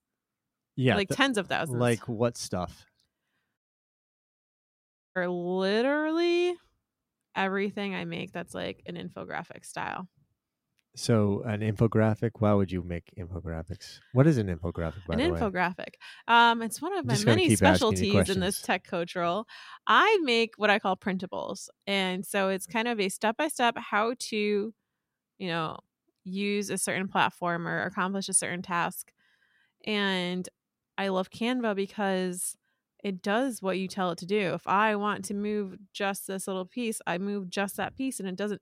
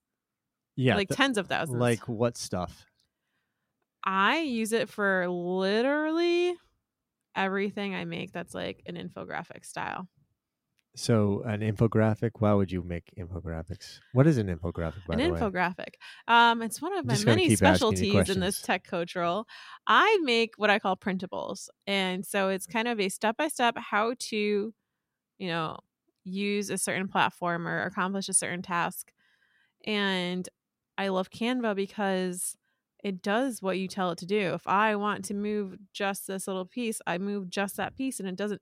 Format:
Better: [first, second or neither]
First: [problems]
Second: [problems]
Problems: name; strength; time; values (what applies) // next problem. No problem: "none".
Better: second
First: audio cutting out; at 3.5 s for 1.5 s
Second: none